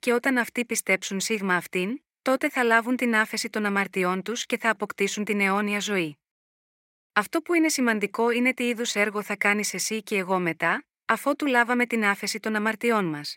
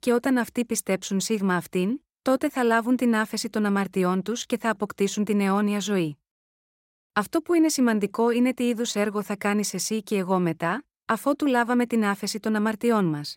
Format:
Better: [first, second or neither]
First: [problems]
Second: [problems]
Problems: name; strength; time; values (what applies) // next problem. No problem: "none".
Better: second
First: thin; very slightly; fading below 300 Hz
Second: none